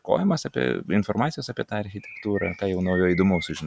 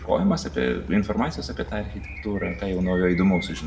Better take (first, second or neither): first